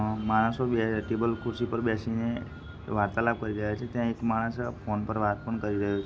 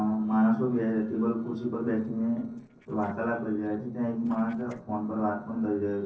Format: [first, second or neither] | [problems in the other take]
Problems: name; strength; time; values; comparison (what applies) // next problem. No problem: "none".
first | noise reduction (neural separator model SepFormer DNS4)